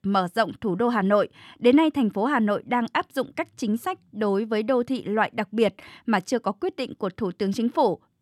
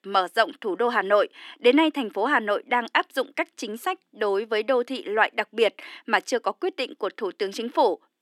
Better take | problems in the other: first | thin; somewhat; fading below 300 Hz

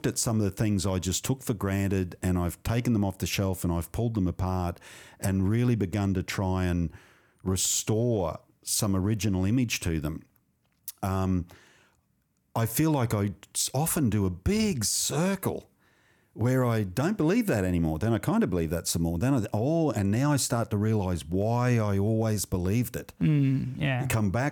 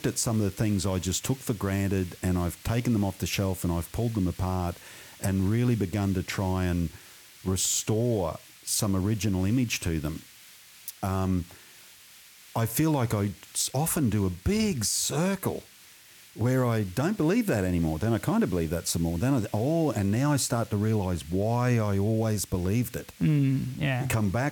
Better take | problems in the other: first | hiss; faint; throughout; 20 dB below the speech

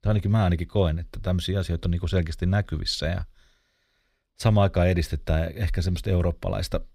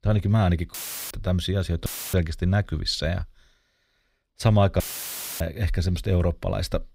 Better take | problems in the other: first | audio cutting out; filled with static; at 0.5 s, at 2 s and at 5 s for 0.5 s

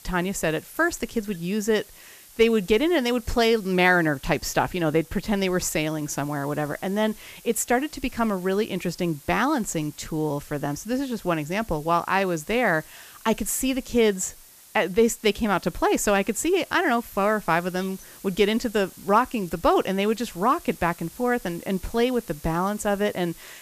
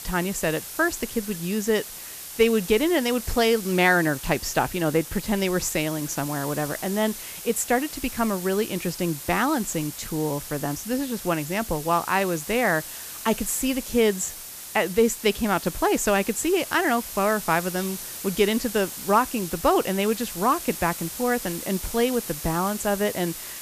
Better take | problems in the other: first | hiss; loud; throughout; 10 dB below the speech; faint in the first

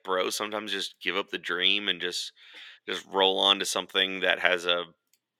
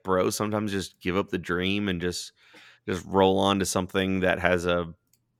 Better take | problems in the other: second | thin; somewhat; fading below 400 Hz

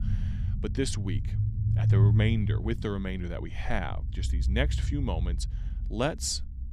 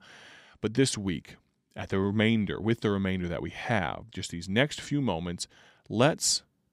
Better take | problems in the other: second | low rumble; loud; throughout; 8 dB below the speech

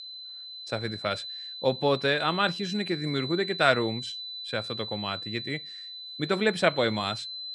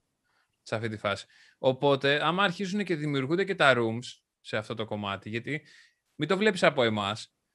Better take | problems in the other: second | high-pitched whine; loud; throughout; 4 kHz, 8 dB below the speech

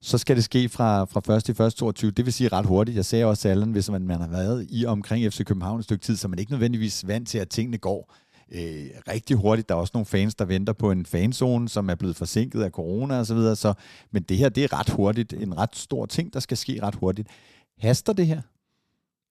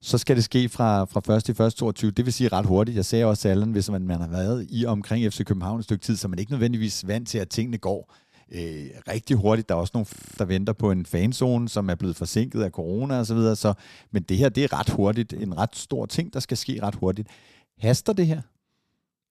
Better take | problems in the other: first | audio freezing; at 10 s

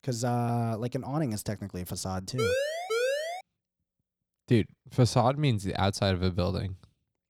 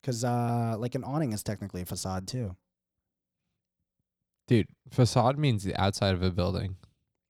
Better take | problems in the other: second | siren; loud; from 2.5 to 3.5 s; peak 1 dB above the speech

